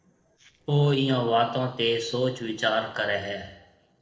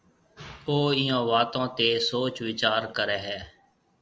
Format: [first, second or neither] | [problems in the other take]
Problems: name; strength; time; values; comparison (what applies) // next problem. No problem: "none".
second | noise reduction (neural separator model SepFormer DNS4)